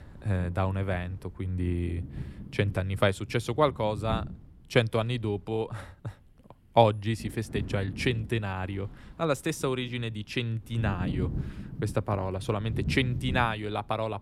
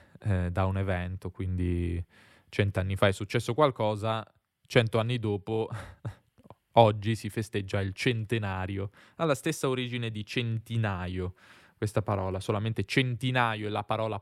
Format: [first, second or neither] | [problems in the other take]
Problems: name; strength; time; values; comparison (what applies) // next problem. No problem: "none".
second | wind noise on the microphone; occasional gusts; 20 dB below the speech